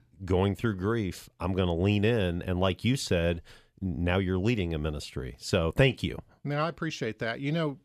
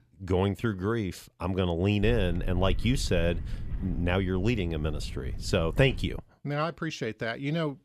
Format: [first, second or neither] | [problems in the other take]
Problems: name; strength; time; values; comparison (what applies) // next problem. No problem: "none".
first | wind noise on the microphone; occasional gusts; from 2 to 6 s; 20 dB below the speech